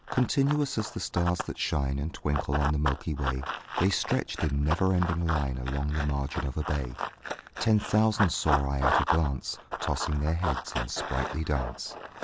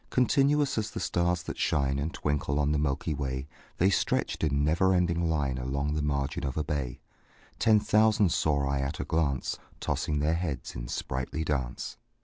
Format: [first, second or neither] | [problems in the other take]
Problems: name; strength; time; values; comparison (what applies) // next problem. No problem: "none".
second | background sound (Run); 6 dB below the speech